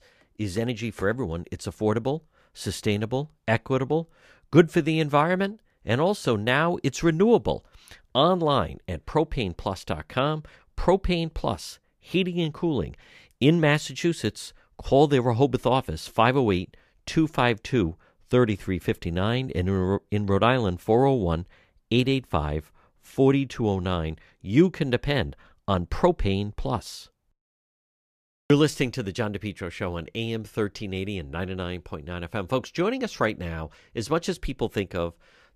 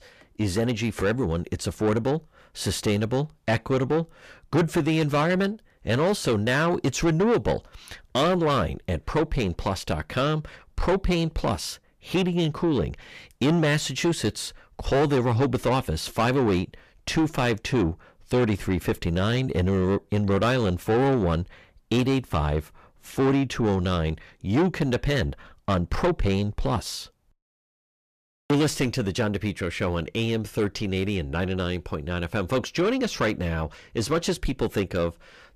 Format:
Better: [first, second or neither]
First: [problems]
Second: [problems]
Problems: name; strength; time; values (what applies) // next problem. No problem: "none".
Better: first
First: none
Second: distortion; heavy; 6 dB below the speech